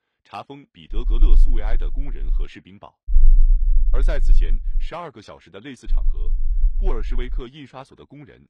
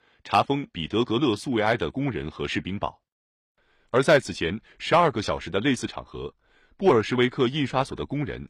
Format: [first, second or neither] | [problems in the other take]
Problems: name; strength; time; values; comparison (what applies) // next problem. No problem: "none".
second | low rumble; noticeable; from 1 to 2.5 s, from 3 to 5 s and from 6 to 7.5 s; 15 dB below the speech